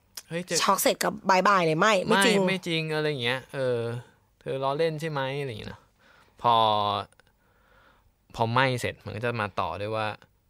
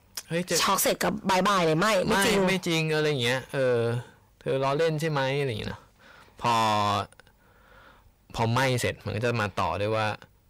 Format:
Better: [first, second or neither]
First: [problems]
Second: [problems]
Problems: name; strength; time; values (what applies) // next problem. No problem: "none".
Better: first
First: none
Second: distortion; heavy; 6 dB below the speech